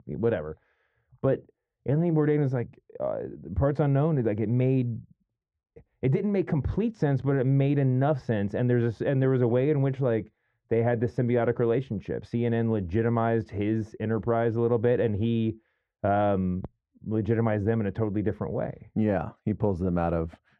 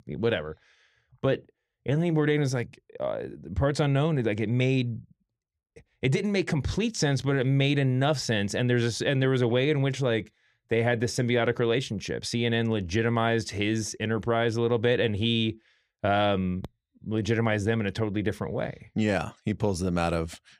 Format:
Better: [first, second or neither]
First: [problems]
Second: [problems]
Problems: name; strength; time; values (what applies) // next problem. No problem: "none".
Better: second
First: muffled; very; fading above 2.5 kHz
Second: none